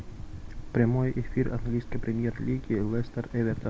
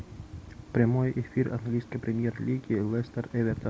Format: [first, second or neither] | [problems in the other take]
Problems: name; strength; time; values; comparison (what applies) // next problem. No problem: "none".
second | background sound (Engine); 8 dB below the speech